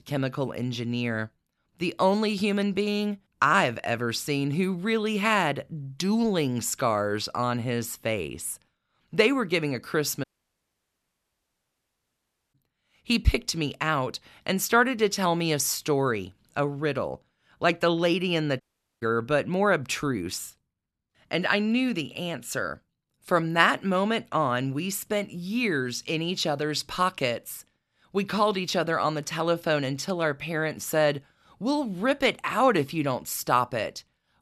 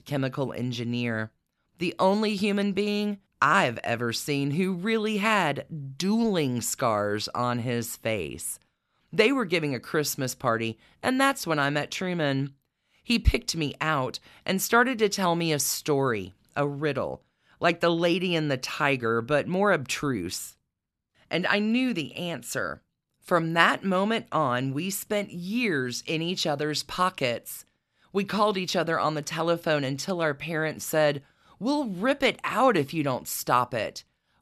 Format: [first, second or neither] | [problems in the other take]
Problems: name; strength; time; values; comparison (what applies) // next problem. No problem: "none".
second | audio cutting out; at 10 s for 2.5 s and at 19 s